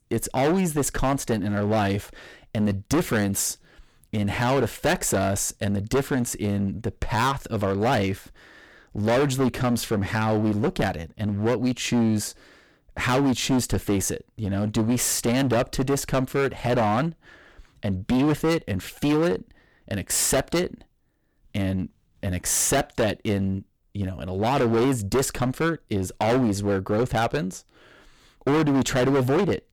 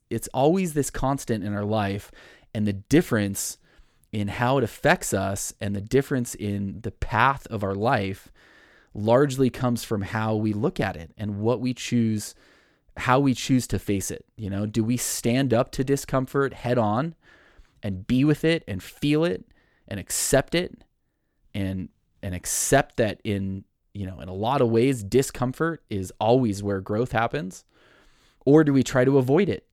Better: second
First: distortion; heavy; 14% of the sound clipped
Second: none

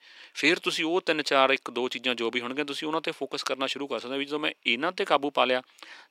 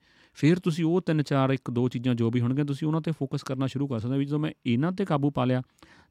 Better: second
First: thin; very; fading below 450 Hz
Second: none

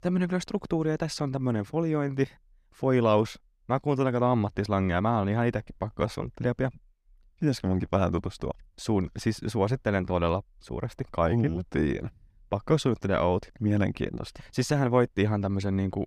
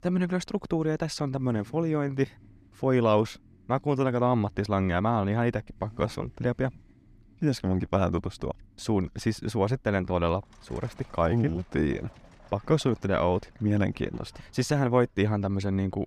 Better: first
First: none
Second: traffic noise; faint; throughout; 30 dB below the speech

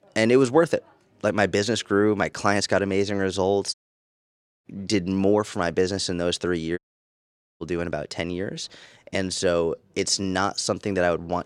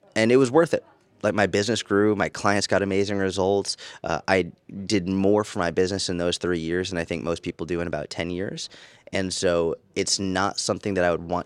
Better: second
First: audio cutting out; at 3.5 s for 1 s and at 7 s for 1 s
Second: none

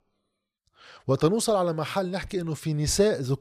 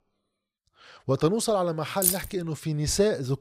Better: first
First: none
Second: jangling keys; loud; at 2 s; peak 2 dB above the speech

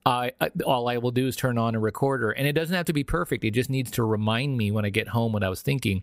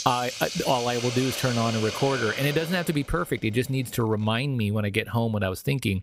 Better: first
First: none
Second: hiss; loud; throughout; 7 dB below the speech

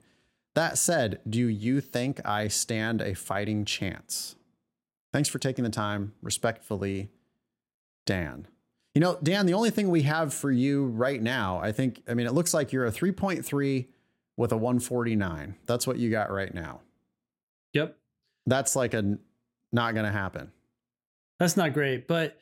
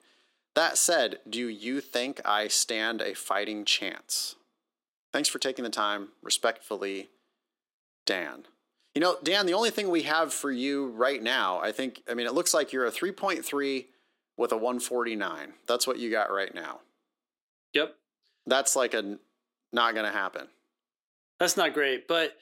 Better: first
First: none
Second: thin; somewhat; fading below 300 Hz

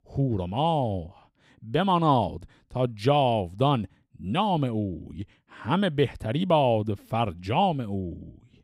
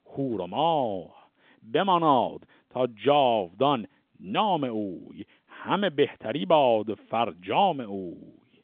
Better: first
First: none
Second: phone-call audio; nothing above 3.5 kHz

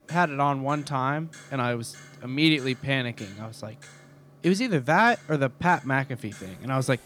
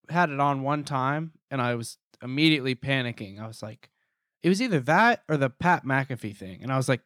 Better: second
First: household noises; faint; throughout; 25 dB below the speech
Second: none

